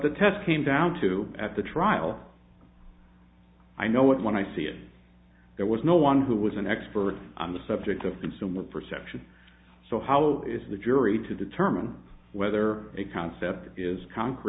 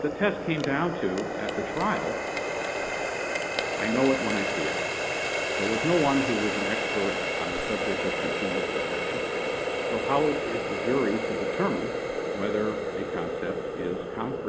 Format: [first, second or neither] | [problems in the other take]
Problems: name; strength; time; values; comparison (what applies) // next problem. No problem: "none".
first | background sound (Water tap, faucet); 1 dB above the speech